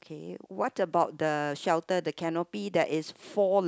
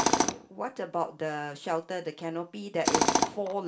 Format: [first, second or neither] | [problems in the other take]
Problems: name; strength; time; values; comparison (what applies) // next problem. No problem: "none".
first | background sound (Tools); 3 dB above the speech // room echo; dies away in 0.3 s